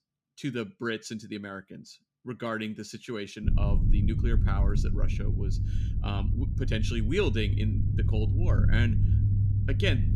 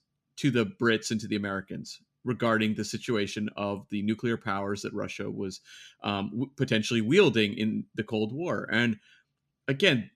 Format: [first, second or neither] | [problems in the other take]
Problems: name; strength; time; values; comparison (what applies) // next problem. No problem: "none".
second | low rumble; loud; from 3.5 s on; 6 dB below the speech